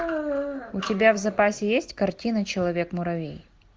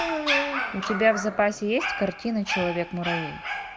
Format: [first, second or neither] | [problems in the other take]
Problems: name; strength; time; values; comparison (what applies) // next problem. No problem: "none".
first | background sound (Dog); 4 dB below the speech